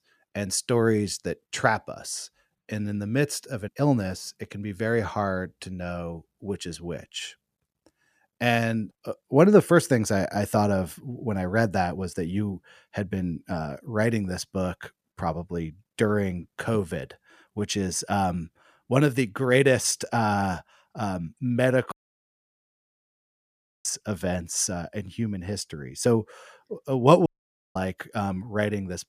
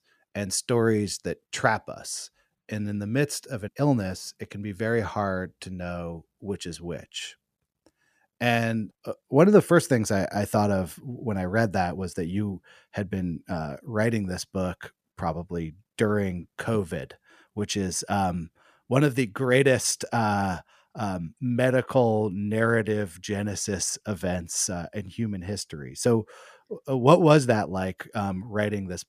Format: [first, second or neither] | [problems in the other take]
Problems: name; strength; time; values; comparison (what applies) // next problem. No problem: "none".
second | audio cutting out; at 22 s for 2 s and at 27 s